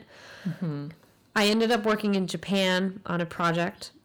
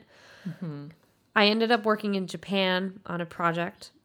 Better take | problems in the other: second | distortion; heavy; 8 dB below the speech

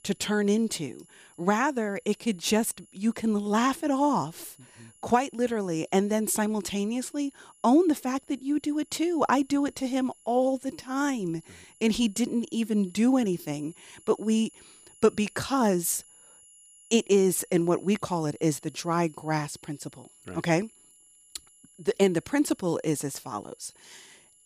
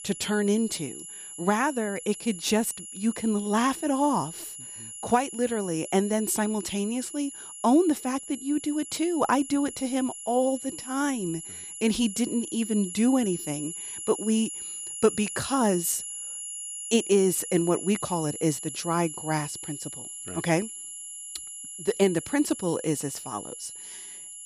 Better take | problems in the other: first | high-pitched whine; loud; throughout; 11 kHz, 9 dB below the speech; faint in the first

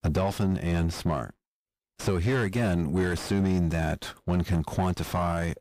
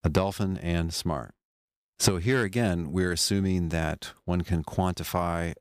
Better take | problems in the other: second | distortion; heavy; 6 dB below the speech

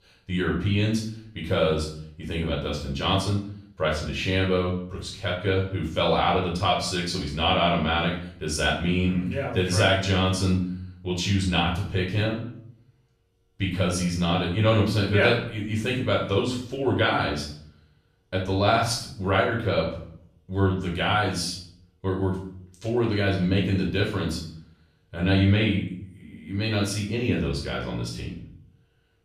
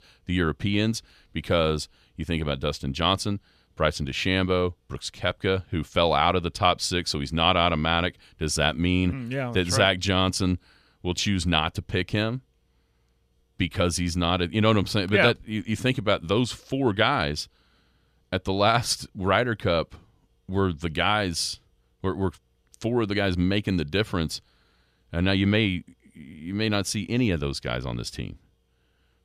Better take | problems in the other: second | off-mic speech; far // room echo; noticeable; dies away in 0.5 s

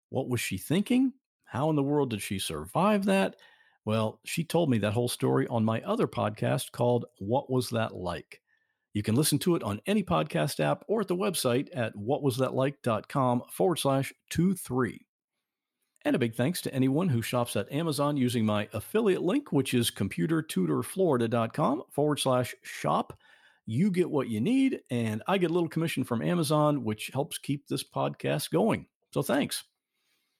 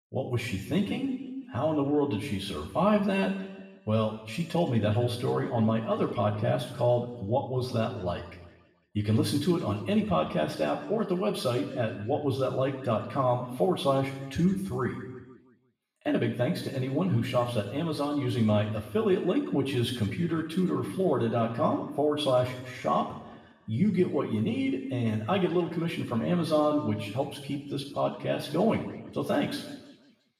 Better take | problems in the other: first | room echo; noticeable; dies away in 1.2 s // off-mic speech; far

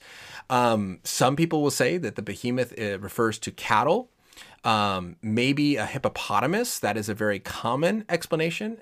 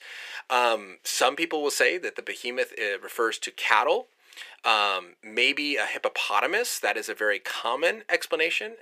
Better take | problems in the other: first | thin; very; fading below 400 Hz

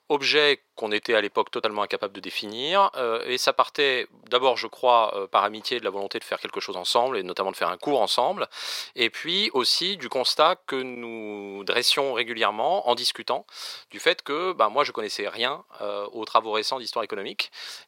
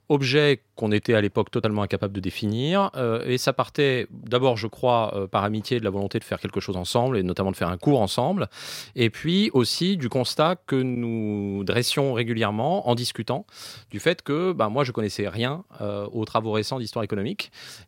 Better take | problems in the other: second | thin; very; fading below 500 Hz

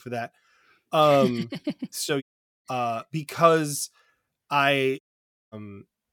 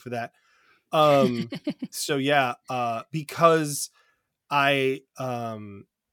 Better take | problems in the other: second | audio cutting out; at 2 s and at 5 s for 0.5 s

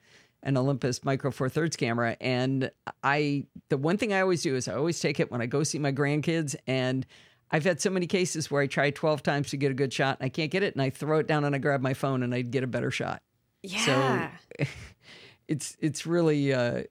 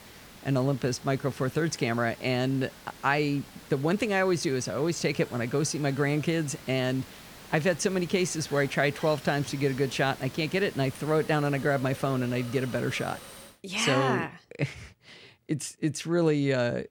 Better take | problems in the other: first | hiss; noticeable; until 14 s; 15 dB below the speech

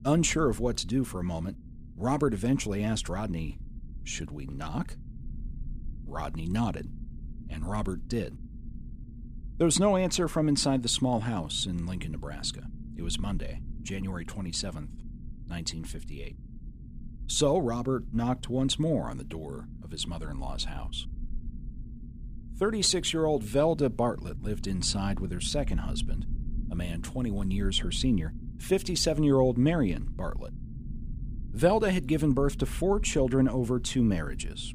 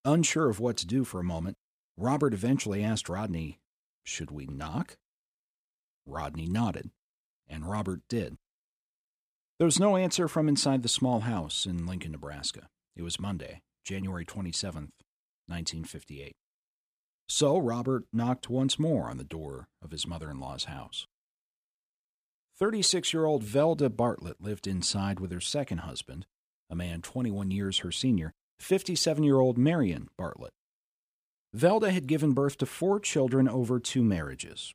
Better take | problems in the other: second | low rumble; faint; throughout; 25 dB below the speech

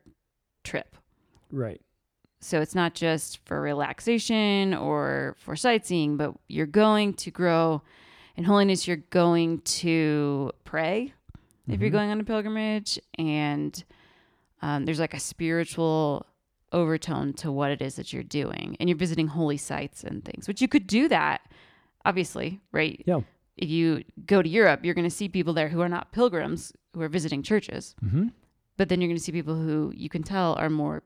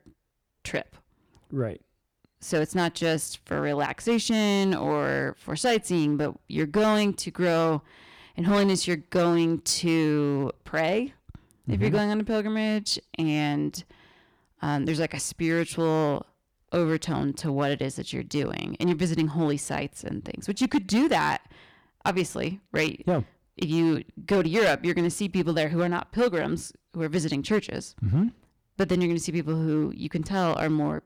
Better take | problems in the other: first | distortion; slight; 5% of the sound clipped

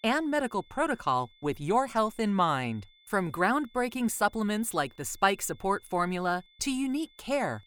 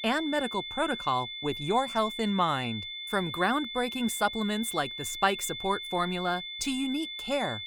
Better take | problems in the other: first | high-pitched whine; loud; throughout; 3.5 kHz, 6 dB below the speech; faint in the first

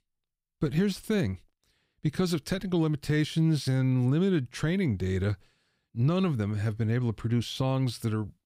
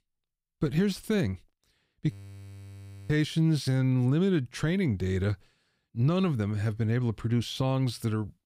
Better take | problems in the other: first | audio freezing; at 2 s for 1 s

